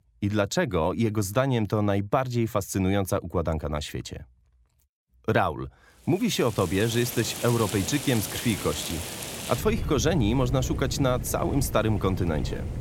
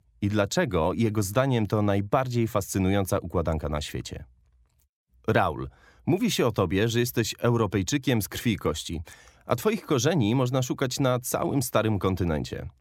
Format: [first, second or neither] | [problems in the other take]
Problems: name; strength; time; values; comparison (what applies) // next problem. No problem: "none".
second | rain or running water; loud; from 6.5 s on; 7 dB below the speech